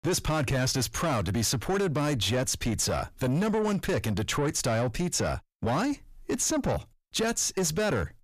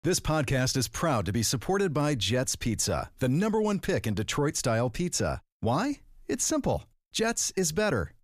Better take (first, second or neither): second